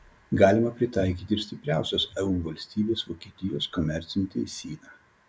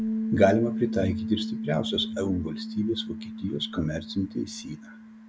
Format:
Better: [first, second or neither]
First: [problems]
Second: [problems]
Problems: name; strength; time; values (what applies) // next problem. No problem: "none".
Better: first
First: none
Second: background sound (Piano); 5 dB below the speech